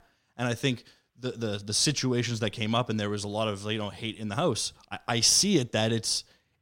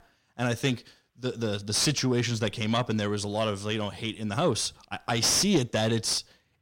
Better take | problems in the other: first | distortion; slight; 10 dB below the speech

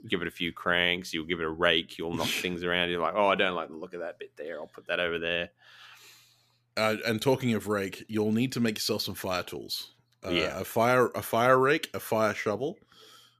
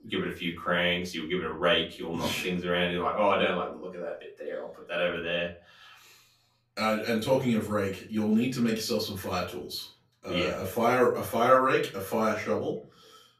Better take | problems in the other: first | room echo; slight; dies away in 0.3 s // off-mic speech; far

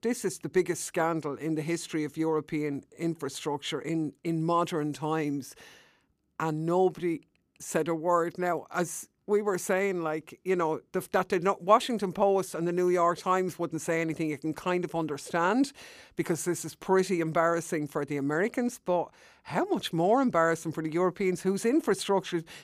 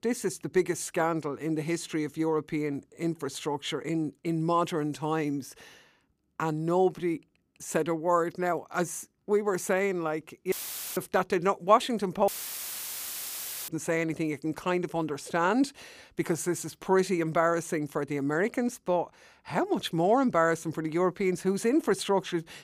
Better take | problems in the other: first | audio cutting out; filled with static; at 11 s and at 12 s for 1.5 s

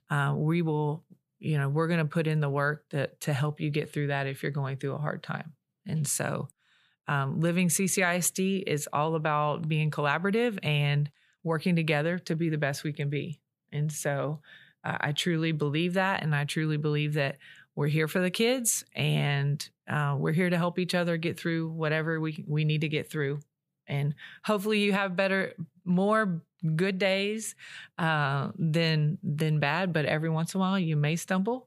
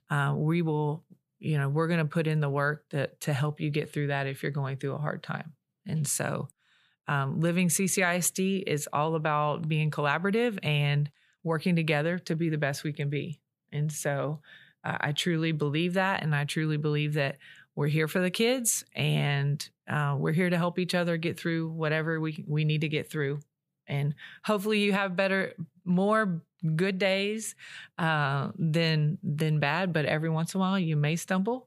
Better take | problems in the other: neither | none

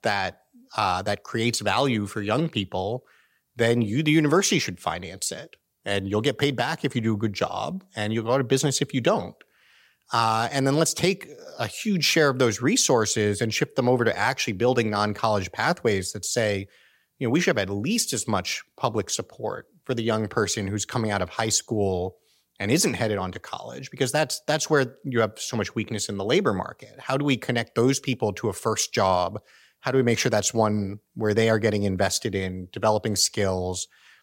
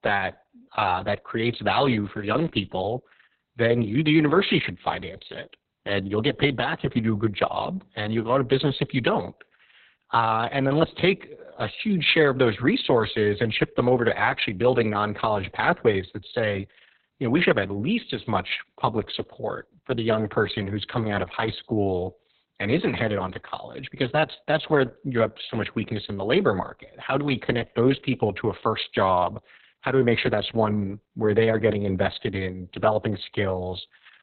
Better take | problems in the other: first | garbled, watery; badly; nothing above 4 kHz

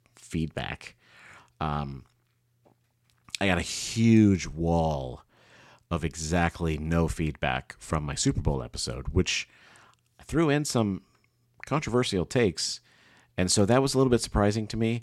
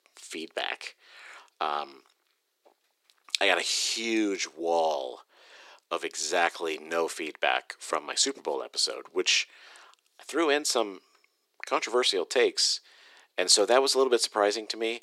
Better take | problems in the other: first | thin; very; fading below 350 Hz

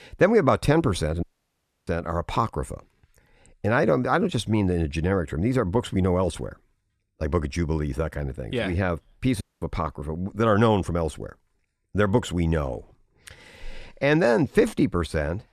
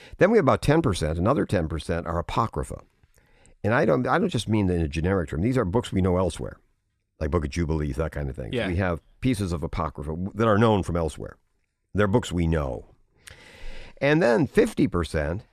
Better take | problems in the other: second | audio cutting out; at 1 s for 0.5 s and at 9.5 s

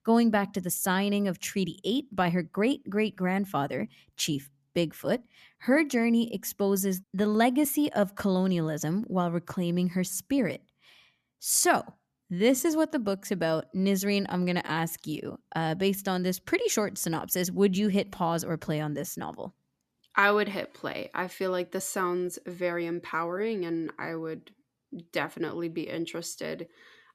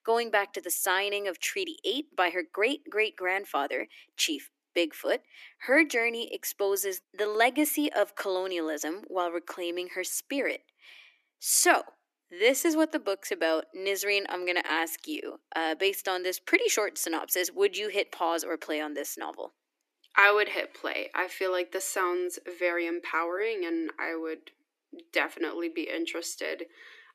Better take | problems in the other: first | thin; very; fading below 300 Hz

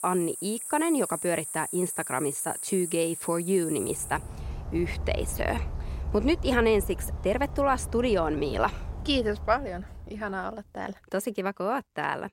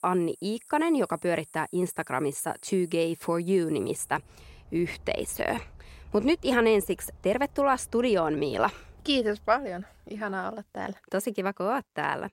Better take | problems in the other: second | animal sounds; loud; until 9.5 s; 7 dB below the speech; faint in the second

